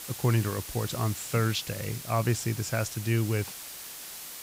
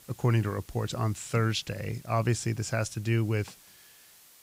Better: second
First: hiss; loud; throughout; 9 dB below the speech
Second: hiss; faint; throughout; 25 dB below the speech

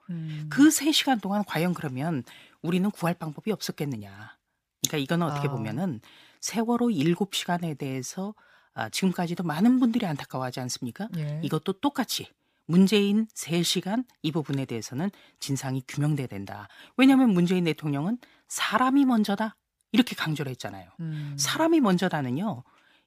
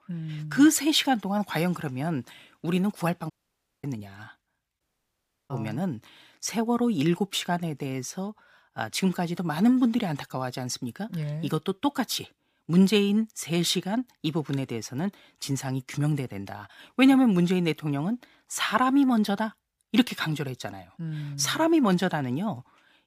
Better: first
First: none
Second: audio cutting out; at 3.5 s for 0.5 s and at 5 s for 0.5 s

